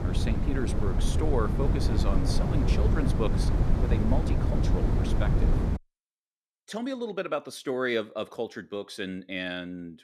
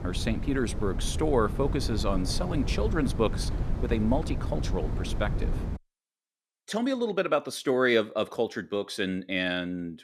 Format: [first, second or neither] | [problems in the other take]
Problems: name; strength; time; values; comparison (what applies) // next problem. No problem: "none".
second | wind noise on the microphone; heavy; until 6 s; 3 dB below the speech; occasional gusts in the second